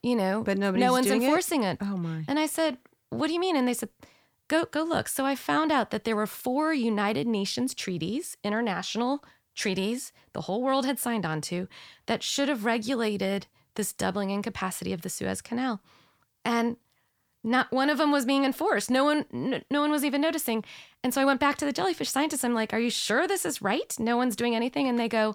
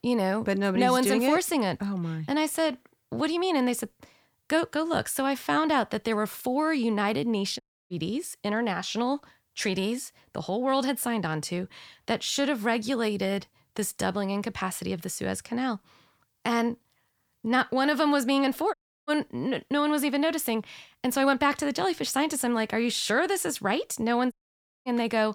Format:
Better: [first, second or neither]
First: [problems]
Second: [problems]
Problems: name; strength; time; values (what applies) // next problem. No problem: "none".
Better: first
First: none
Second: audio cutting out; at 7.5 s, at 19 s and at 24 s for 0.5 s